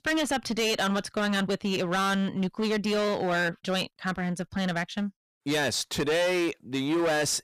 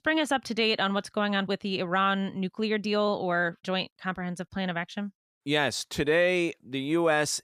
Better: second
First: distortion; heavy; 19% of the sound clipped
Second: none

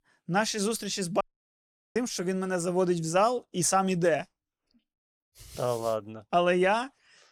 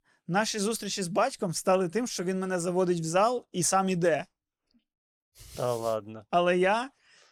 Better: second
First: audio cutting out; at 1 s for 1 s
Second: none

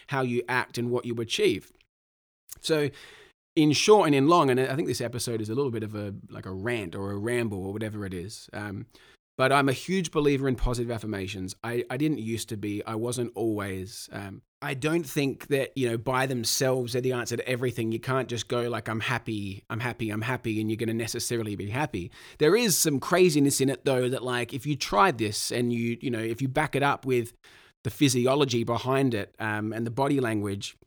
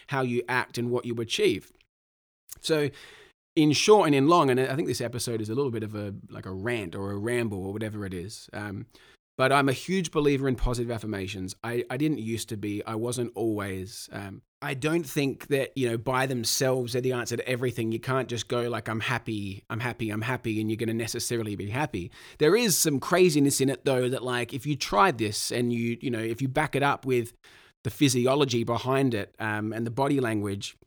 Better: neither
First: none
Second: none

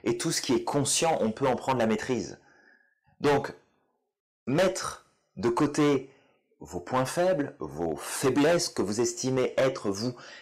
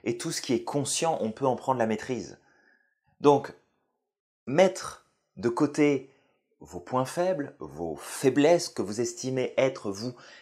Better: second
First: distortion; heavy; 7% of the sound clipped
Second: none

